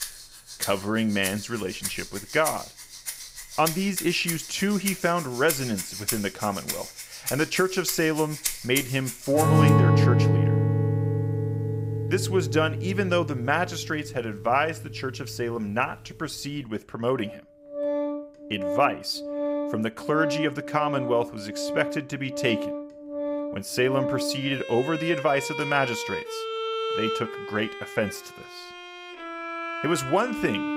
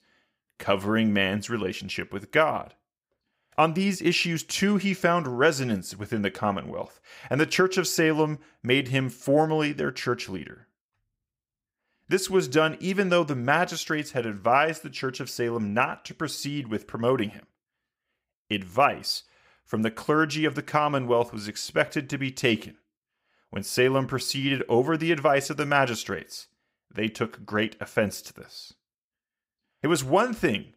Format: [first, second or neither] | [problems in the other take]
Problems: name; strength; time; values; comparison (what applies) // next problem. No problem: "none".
second | background music; loud; throughout; 2 dB below the speech